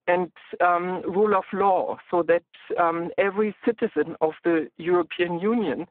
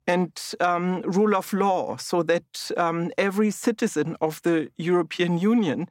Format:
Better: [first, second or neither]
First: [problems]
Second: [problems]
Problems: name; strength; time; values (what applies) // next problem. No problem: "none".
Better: second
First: phone-call audio; poor line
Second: none